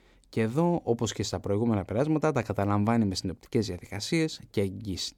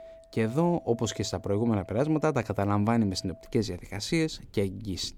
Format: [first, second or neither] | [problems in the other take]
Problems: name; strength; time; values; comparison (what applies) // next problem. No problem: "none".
first | household noises; faint; throughout; 25 dB below the speech